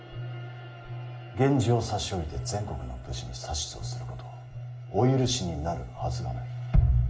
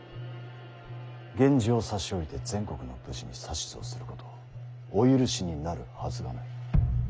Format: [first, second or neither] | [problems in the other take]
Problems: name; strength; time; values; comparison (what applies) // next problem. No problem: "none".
second | room echo; dies away in 0.7 s